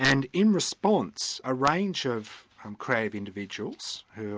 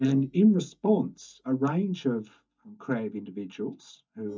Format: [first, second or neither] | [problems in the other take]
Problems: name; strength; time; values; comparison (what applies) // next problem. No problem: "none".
first | noise reduction (neural mask model DeepFilterNet 3)